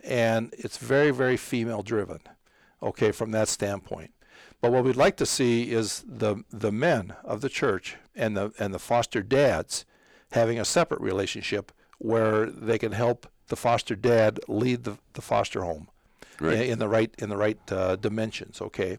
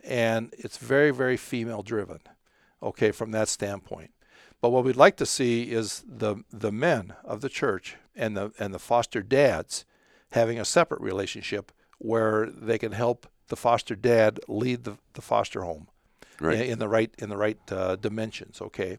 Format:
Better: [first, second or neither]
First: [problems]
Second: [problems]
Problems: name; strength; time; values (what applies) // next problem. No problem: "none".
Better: second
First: distortion; slight; 10 dB below the speech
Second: none